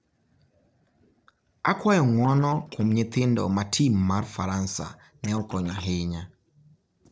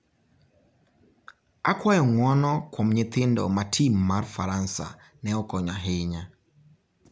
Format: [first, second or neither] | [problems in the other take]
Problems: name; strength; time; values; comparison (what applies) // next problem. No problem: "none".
second | noise reduction (neural separator model SepFormer DNS4)